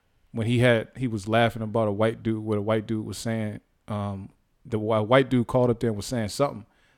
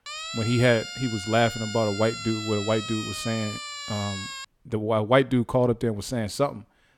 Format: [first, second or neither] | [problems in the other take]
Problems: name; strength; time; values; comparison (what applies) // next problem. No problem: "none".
first | siren; noticeable; until 4.5 s; peak 7 dB below the speech